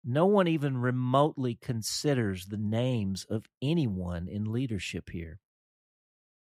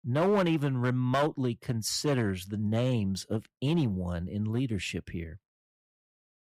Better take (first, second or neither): first